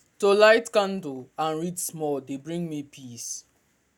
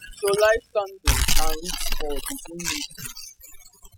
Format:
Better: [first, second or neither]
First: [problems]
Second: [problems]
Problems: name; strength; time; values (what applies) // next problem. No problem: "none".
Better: first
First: none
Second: noise reduction (classical method spectral subtraction)